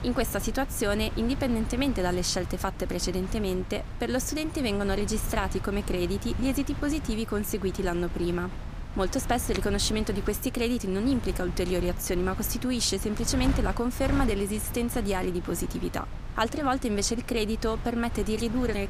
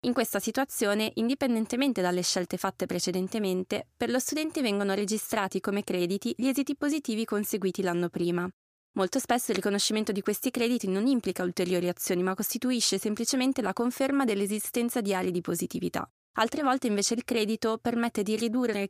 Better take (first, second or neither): second